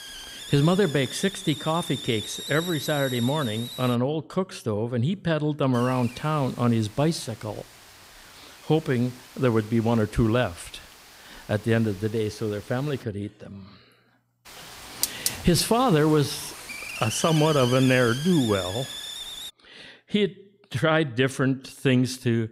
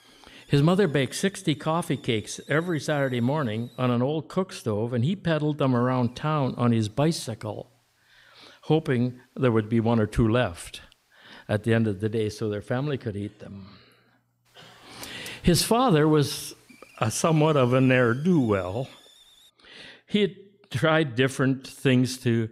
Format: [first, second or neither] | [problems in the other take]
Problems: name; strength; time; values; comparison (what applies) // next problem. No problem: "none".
second | hiss; loud; until 4 s, from 5.5 to 13 s and from 14 to 20 s; 9 dB below the speech; faint in the second